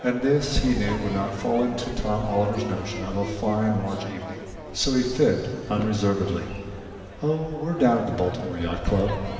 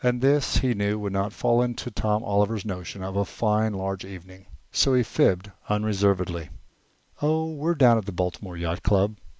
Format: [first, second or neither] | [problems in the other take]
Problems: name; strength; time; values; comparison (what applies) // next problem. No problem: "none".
second | background sound (Crowd / Fireworks); 13 dB below the speech // room echo; dies away in 2.7 s